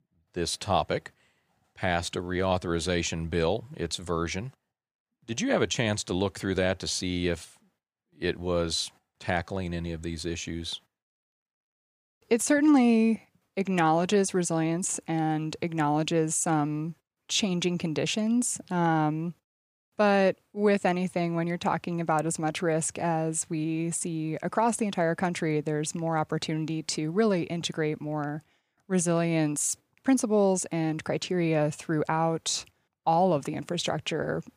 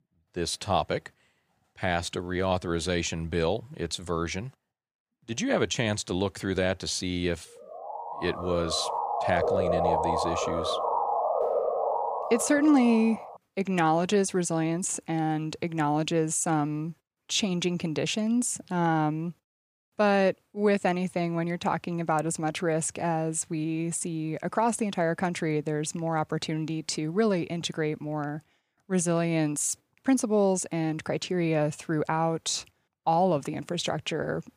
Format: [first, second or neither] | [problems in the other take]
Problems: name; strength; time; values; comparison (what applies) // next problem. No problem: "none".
first | siren; loud; from 7.5 to 13 s; peak 3 dB above the speech